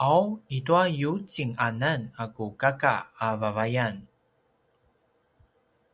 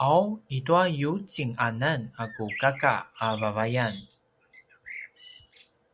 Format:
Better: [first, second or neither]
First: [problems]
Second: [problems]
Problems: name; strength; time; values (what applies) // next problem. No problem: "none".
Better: first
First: none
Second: background sound (Bird); 16 dB below the speech